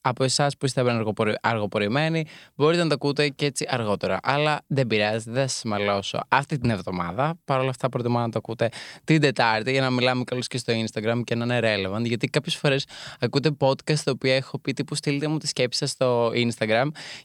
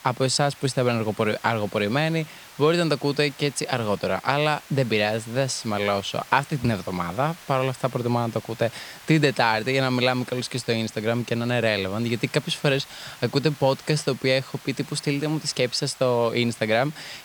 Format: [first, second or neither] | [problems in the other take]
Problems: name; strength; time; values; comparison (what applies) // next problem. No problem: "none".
first | hiss; noticeable; throughout; 20 dB below the speech